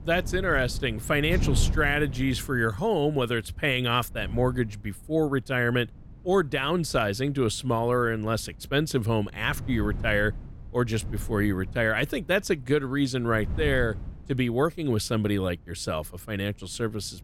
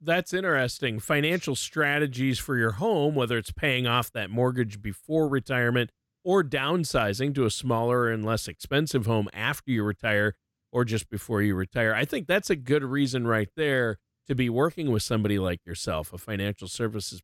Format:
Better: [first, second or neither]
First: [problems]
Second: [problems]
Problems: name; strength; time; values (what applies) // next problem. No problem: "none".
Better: second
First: wind noise on the microphone; occasional gusts; 20 dB below the speech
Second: none